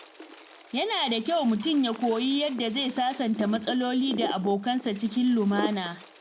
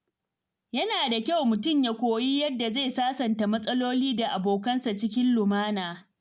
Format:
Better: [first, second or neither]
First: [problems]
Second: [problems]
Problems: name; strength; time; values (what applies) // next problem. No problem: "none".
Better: second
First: background sound (Wind); 13 dB below the speech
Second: none